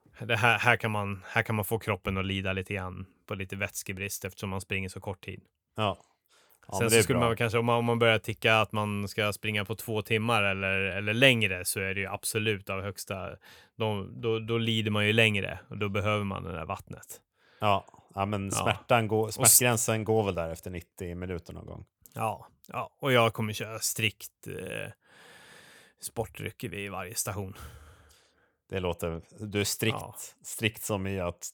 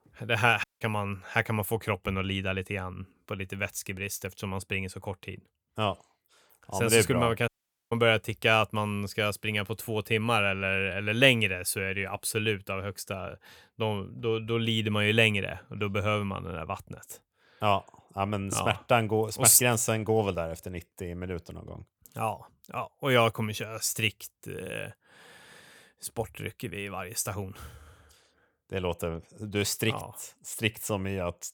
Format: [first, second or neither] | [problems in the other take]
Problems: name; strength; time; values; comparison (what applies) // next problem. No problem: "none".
first | audio cutting out; at 0.5 s and at 7.5 s